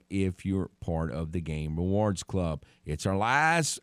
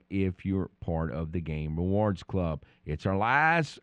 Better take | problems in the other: first | muffled; slightly; fading above 2.5 kHz

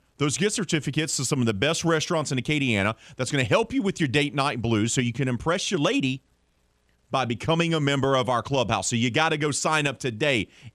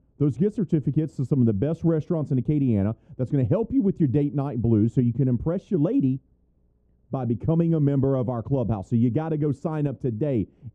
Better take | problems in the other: first | muffled; very; fading above 1 kHz

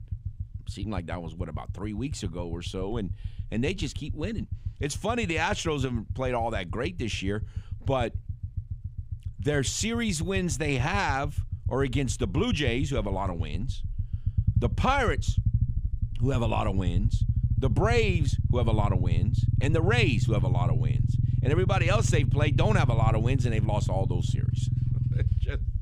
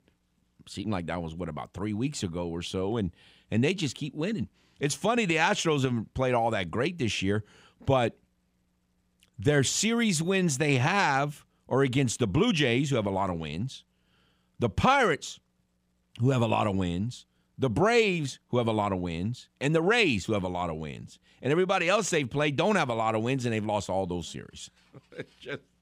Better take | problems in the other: second | low rumble; noticeable; throughout; 10 dB below the speech

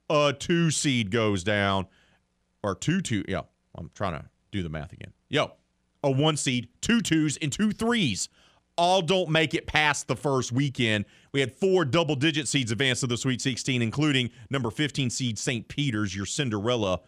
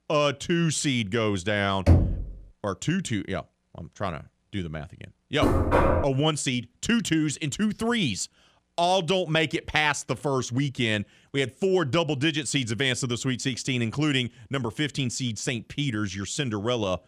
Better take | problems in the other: first | door banging; loud; at 2 s and at 5.5 s; peak 5 dB above the speech

